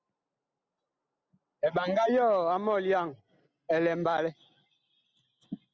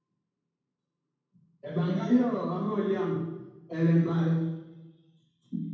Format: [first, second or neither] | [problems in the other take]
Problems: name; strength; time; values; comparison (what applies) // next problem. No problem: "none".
first | room echo; dies away in 1.1 s